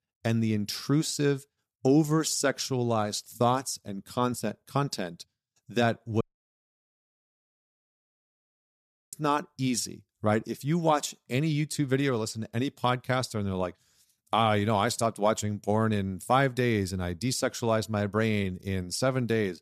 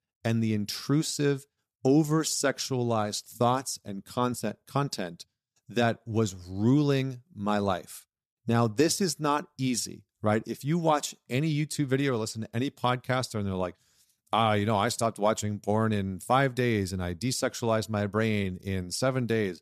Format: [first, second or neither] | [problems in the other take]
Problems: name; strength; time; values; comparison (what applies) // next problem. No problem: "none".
second | audio cutting out; at 6 s for 3 s